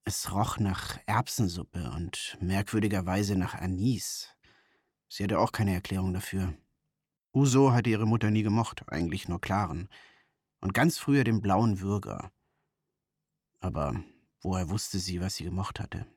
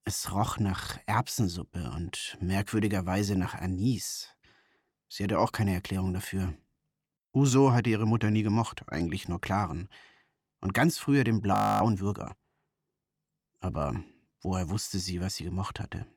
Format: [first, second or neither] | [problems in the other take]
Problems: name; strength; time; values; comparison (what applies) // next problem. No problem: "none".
first | audio freezing; at 12 s